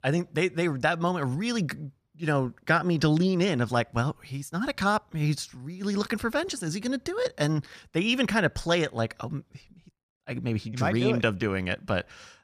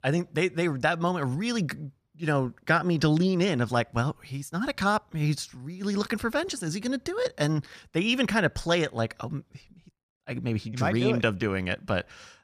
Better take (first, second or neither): neither